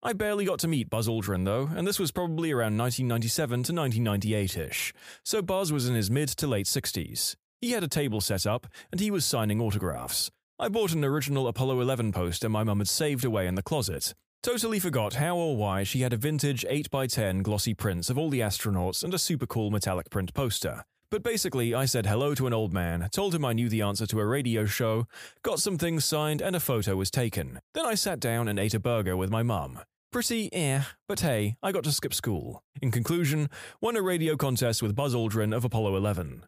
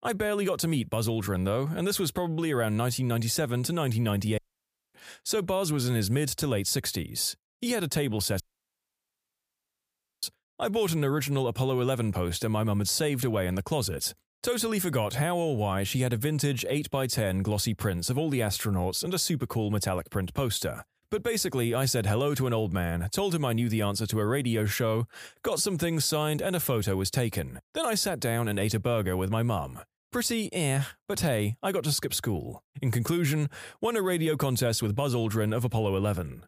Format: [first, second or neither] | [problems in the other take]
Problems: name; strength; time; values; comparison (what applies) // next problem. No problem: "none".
first | audio cutting out; at 4.5 s for 0.5 s and at 8.5 s for 2 s